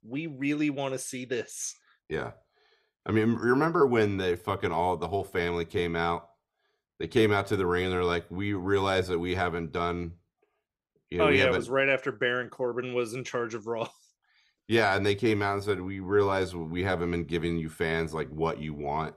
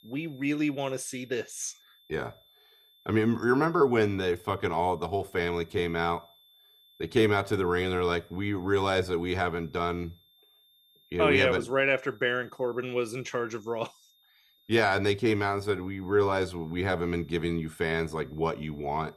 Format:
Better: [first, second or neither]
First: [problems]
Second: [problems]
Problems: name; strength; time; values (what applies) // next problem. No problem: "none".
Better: first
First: none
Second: high-pitched whine; faint; throughout; 3.5 kHz, 30 dB below the speech